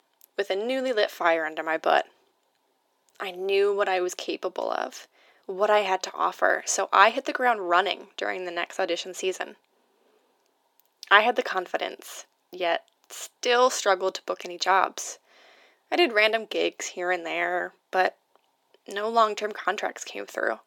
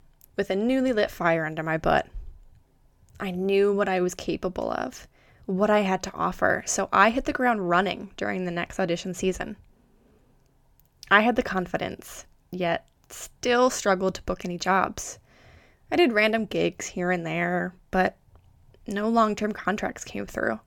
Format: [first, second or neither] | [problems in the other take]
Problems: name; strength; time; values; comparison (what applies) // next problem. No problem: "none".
second | thin; somewhat; fading below 350 Hz